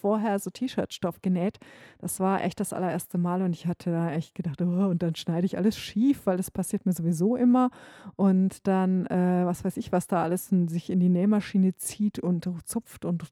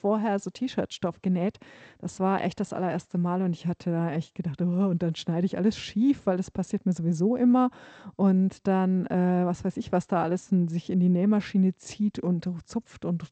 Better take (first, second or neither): first